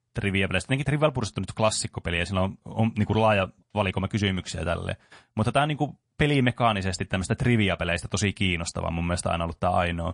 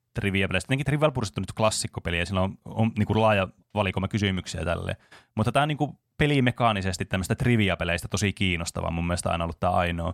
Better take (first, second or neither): second